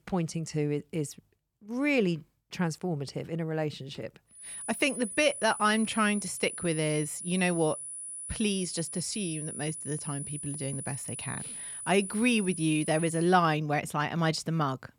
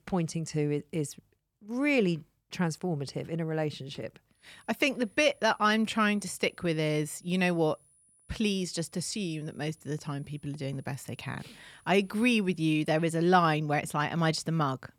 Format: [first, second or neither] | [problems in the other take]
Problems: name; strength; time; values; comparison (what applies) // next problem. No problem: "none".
second | high-pitched whine; loud; from 4.5 to 13 s; 10 kHz, 7 dB below the speech; faint in the second